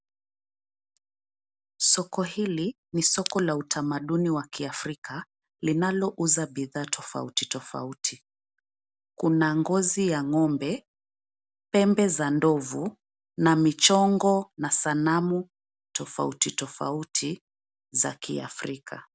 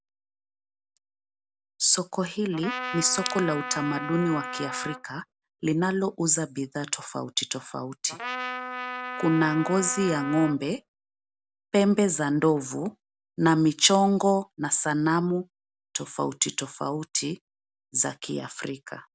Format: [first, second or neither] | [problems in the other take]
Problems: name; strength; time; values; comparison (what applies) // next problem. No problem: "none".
first | background sound (Trumpet); 8 dB below the speech